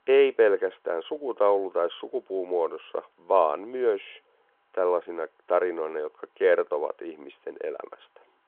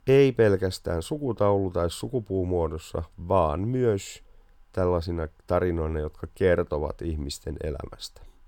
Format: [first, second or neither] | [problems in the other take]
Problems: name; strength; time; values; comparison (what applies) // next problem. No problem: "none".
second | phone-call audio